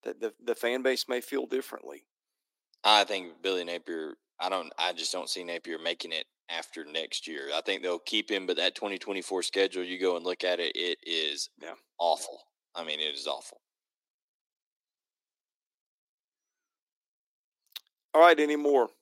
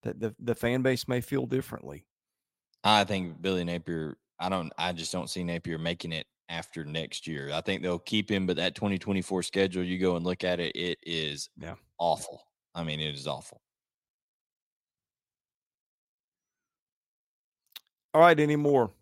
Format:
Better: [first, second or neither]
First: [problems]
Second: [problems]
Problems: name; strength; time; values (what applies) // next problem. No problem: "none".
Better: second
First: thin; somewhat; fading below 300 Hz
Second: none